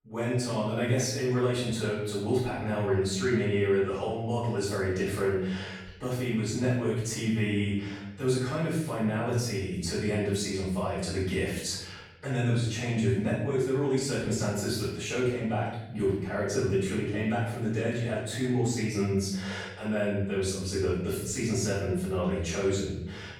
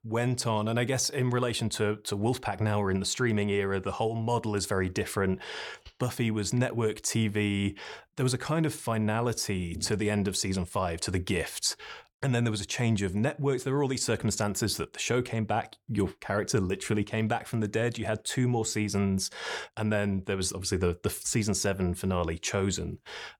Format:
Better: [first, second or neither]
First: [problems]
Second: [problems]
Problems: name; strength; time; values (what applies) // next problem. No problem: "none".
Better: second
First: off-mic speech; far // room echo; noticeable; dies away in 0.9 s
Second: none